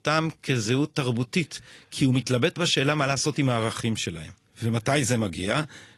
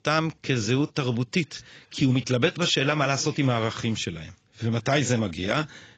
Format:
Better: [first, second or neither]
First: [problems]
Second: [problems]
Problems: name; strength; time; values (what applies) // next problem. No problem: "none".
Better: first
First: garbled, watery; slightly; nothing above 11.5 kHz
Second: garbled, watery; badly; nothing above 7.5 kHz